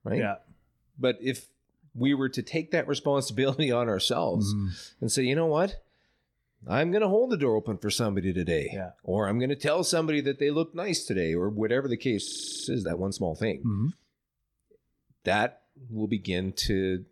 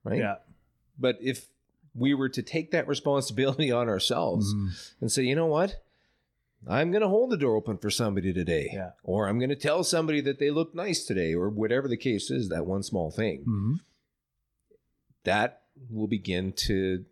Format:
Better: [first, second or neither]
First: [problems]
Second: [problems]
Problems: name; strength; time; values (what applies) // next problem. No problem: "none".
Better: second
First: audio freezing; at 12 s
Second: none